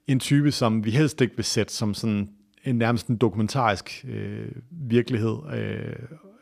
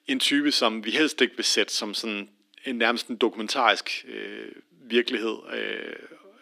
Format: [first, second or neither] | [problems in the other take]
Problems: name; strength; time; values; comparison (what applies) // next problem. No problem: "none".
first | thin; somewhat; fading below 250 Hz